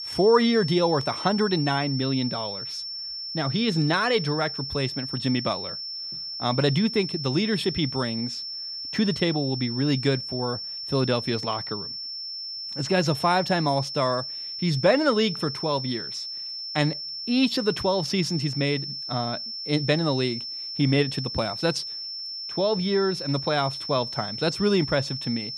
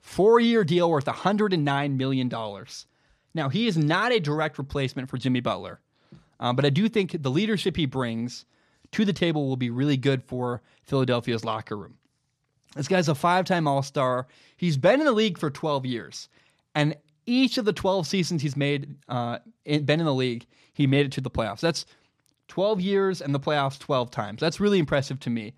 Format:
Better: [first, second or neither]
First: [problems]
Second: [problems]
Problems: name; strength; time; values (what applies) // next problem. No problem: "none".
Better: second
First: high-pitched whine; loud; throughout; 5.5 kHz, 6 dB below the speech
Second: none